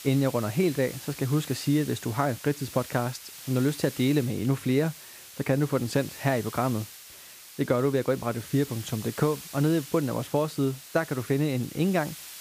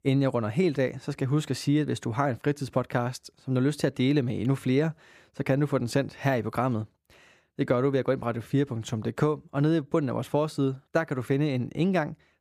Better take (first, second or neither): second